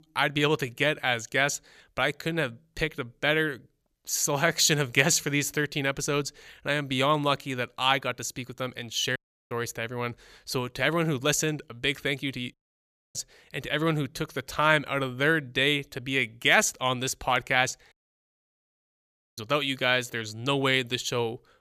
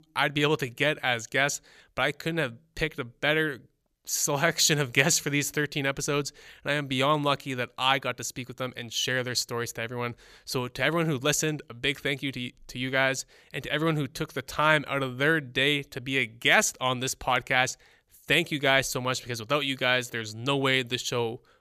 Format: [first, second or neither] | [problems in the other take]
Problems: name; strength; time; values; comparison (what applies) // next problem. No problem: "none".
second | audio cutting out; at 9 s, at 13 s for 0.5 s and at 18 s for 1.5 s